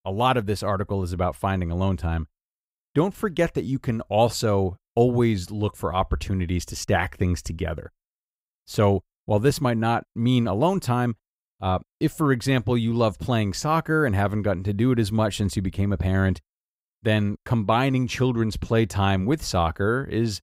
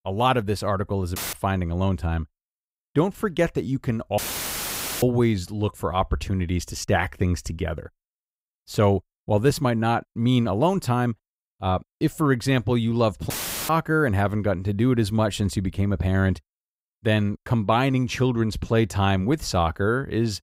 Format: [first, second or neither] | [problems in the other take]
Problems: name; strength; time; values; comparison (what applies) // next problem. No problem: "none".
first | audio cutting out; filled with static; at 1 s, at 4 s for 1 s and at 13 s